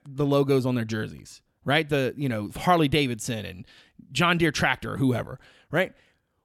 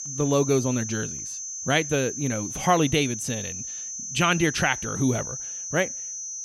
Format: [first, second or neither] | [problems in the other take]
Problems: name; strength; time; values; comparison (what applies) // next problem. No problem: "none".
first | high-pitched whine; loud; throughout; 6 kHz, 6 dB below the speech